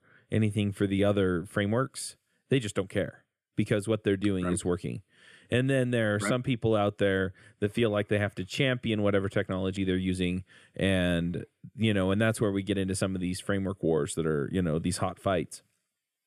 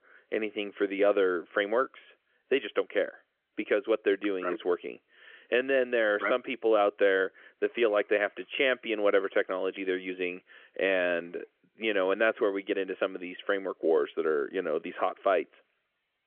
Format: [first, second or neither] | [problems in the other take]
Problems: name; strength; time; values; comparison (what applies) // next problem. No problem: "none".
first | phone-call audio; nothing above 3.5 kHz